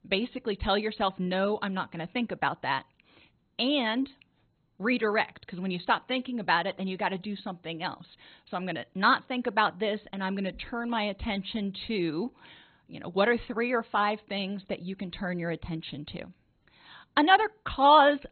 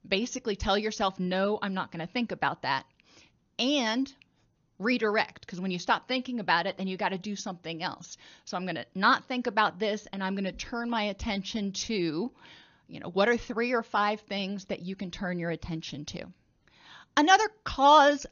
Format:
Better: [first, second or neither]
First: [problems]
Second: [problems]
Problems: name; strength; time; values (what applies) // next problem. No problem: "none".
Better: second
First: garbled, watery; badly; nothing above 4 kHz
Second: garbled, watery; slightly; nothing above 6.5 kHz